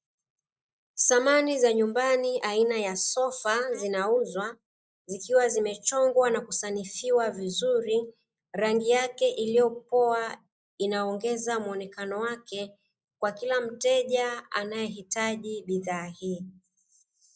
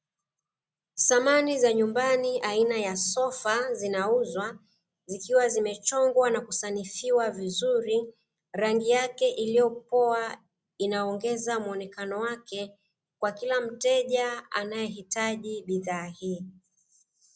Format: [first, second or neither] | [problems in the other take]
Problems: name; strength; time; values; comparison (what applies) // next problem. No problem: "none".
second | noise reduction (neural mask model Resemble Enhance denoiser)